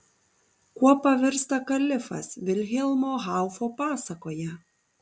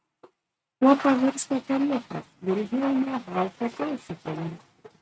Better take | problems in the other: first | noise reduction (neural mask model RNNoise)

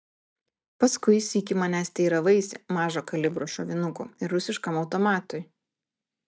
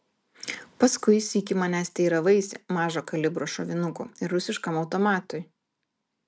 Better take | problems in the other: second | noise reduction (neural mask model DeepFilterNet 3)

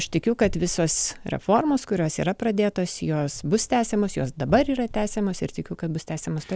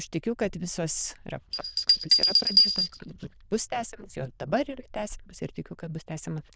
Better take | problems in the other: first | noise reduction (neural diffusion model UNIVERSE++)

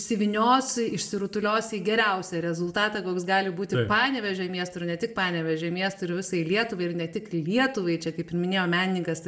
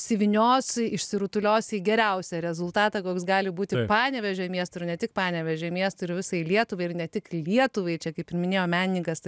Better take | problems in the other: second | room echo; dies away in 0.4 s

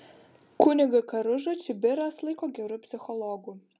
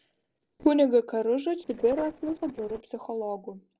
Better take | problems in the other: first | noise reduction (neural separator model SepFormer DNS4)

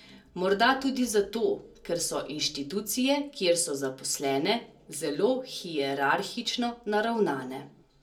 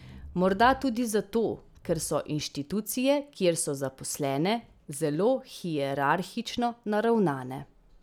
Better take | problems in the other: second | room echo; dies away in 0.2 s

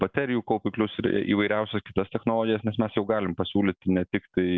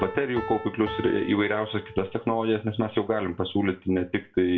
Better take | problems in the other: first | background sound (Piano); 15 dB below the speech // room echo; dies away in 0.2 s

